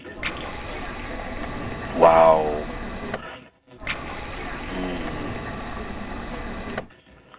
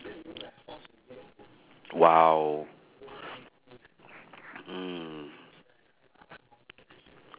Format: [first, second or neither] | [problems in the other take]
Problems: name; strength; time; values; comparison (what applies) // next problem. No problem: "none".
second | background sound (Liquid); 6 dB below the speech // room echo; dies away in 0.4 s